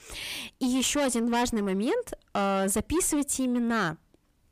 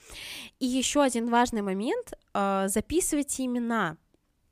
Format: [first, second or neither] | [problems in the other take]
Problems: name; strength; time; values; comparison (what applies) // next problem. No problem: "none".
second | distortion; heavy; 8 dB below the speech